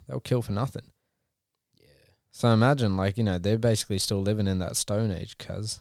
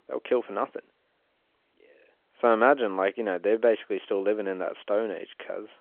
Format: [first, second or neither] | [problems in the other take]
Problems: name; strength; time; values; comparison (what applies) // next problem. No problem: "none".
first | phone-call audio